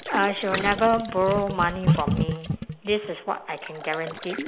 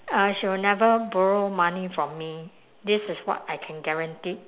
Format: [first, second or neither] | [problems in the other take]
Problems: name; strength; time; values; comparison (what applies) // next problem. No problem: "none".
second | background sound (Gurgling); 3 dB below the speech